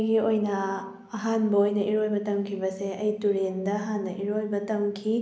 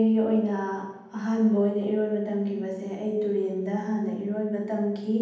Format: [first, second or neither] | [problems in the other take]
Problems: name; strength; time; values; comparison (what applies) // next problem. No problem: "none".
first | room echo; dies away in 0.8 s